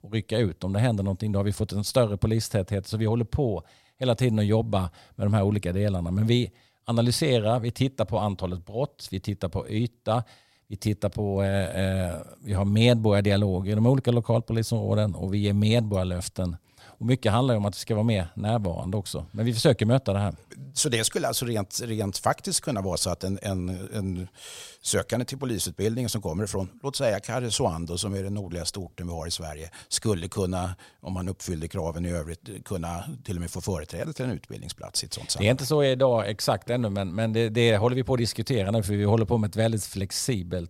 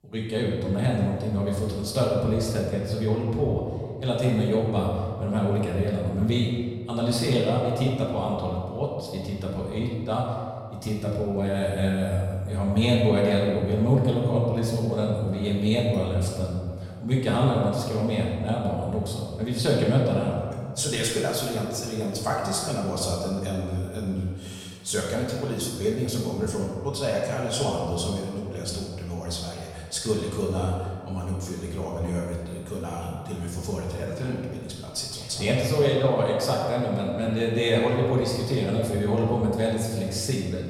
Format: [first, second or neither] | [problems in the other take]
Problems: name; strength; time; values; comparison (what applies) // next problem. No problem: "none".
first | room echo; noticeable; dies away in 1.6 s // off-mic speech; far